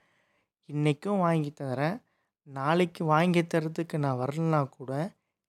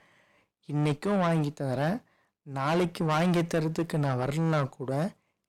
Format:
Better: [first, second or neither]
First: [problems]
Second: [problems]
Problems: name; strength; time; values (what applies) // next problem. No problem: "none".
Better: first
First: none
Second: distortion; heavy; 6 dB below the speech